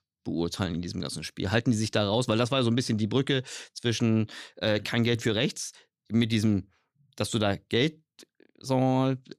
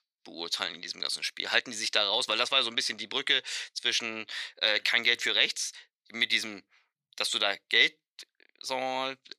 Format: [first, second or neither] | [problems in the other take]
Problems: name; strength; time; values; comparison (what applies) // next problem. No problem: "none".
first | thin; very; fading below 700 Hz